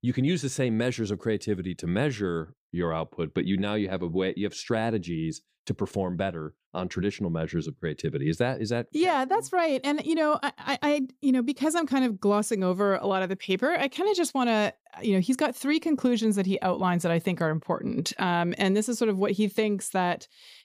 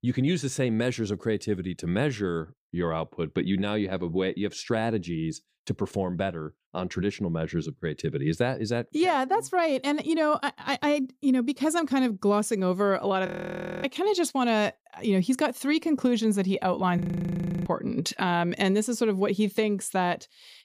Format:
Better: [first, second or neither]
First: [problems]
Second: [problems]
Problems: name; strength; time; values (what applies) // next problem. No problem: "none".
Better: first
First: none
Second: audio freezing; at 13 s for 0.5 s and at 17 s for 0.5 s